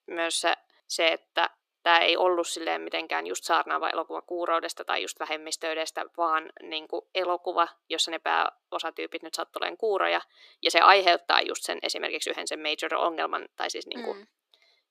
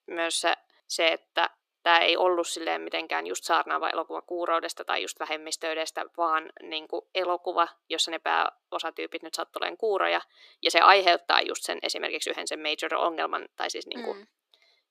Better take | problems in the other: neither | thin; very; fading below 350 Hz; the same in both

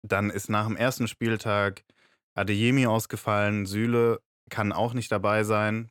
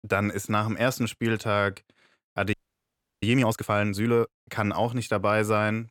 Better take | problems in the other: first | audio freezing; at 2.5 s for 0.5 s

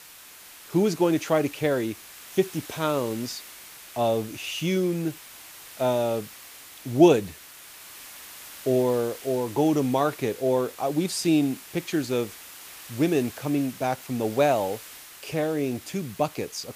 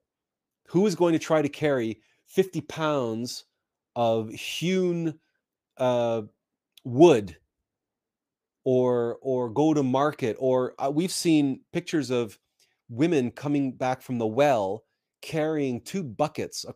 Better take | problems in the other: second | hiss; noticeable; throughout; 15 dB below the speech

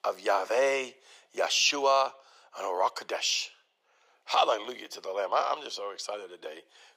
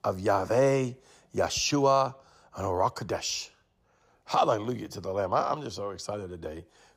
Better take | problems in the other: second | thin; very; fading below 450 Hz

